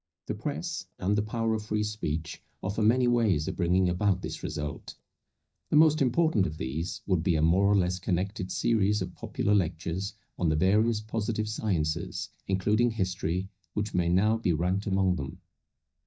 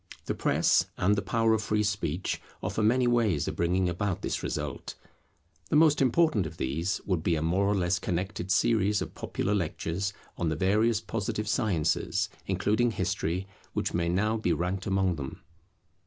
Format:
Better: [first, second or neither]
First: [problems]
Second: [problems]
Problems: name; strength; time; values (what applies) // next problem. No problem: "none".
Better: second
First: noise reduction (neural mask model DeepFilterNet 3)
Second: none